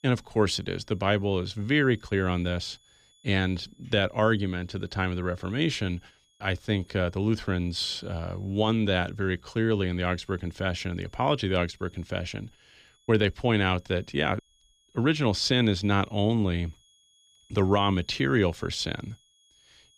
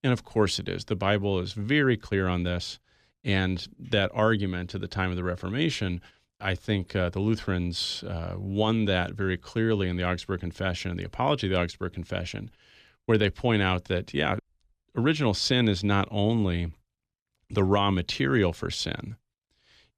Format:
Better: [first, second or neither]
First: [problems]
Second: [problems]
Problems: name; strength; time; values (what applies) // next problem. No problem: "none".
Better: second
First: high-pitched whine; faint; throughout; 3.5 kHz, 35 dB below the speech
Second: none